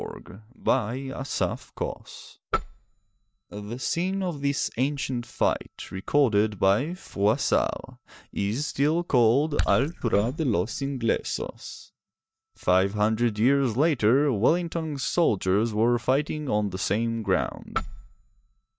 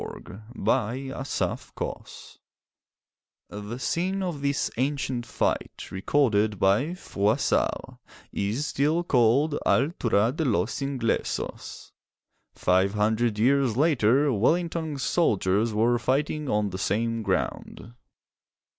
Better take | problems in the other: second | noise reduction (neural mask model DeepFilterNet 3)

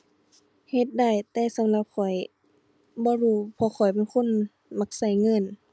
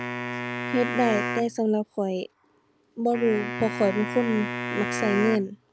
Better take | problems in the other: first | background sound (Wind instrument, woodwind instrument); 5 dB below the speech

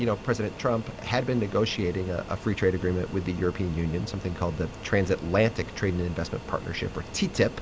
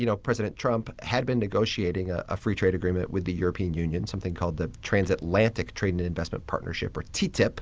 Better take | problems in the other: second | background sound (Fixed-wing aircraft, airplane); 14 dB below the speech

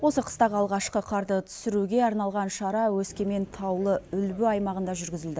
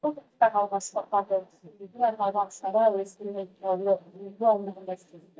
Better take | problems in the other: first | noise reduction (neural mask model DeepFilterNet 3)

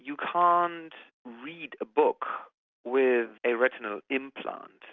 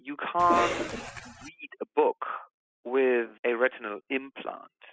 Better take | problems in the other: first | noise reduction (classical method spectral subtraction)

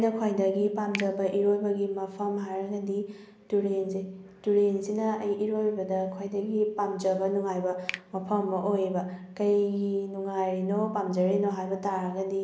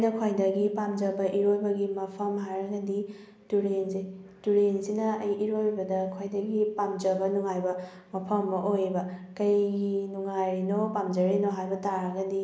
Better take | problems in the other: second | background sound (Finger snapping); 17 dB below the speech

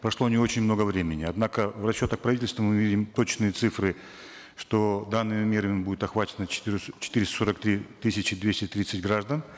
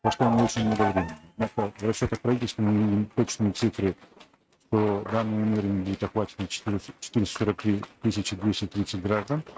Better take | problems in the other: first | noise reduction (neural mask model RNNoise)

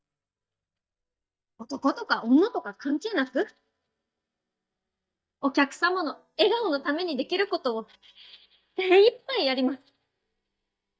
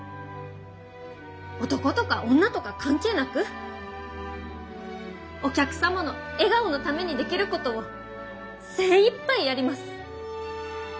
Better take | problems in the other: second | noise reduction (neural mask model DeepFilterNet 3)

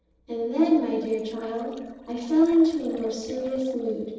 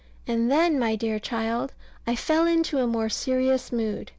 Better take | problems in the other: second | noise reduction (neural separator model SepFormer DNS4)

